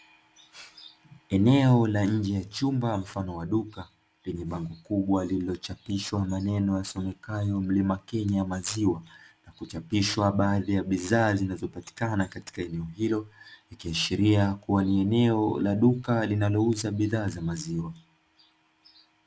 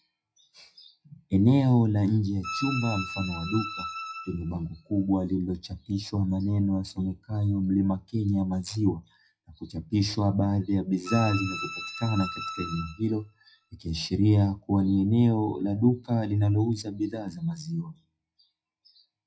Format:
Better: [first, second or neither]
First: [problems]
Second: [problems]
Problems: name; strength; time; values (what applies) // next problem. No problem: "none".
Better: first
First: none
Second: noise reduction (classical method WPE with log-MMSE)